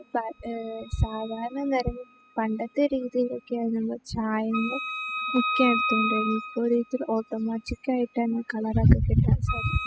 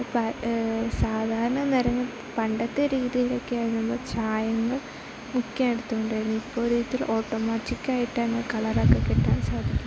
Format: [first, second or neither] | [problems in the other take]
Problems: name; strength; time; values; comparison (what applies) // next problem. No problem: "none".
second | noise reduction (classical method spectral subtraction)